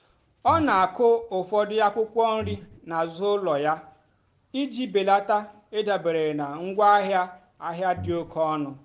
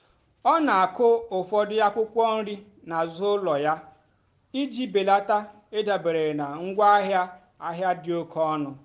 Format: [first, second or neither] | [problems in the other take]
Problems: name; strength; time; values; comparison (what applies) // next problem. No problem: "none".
second | background sound (Breathing); 12 dB below the speech